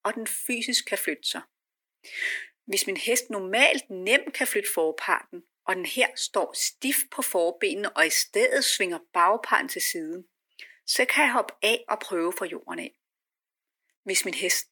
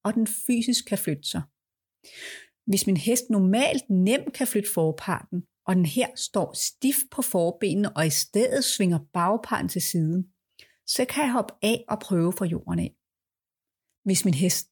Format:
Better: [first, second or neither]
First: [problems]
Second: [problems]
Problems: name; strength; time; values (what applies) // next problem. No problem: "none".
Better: second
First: thin; very; fading below 300 Hz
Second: none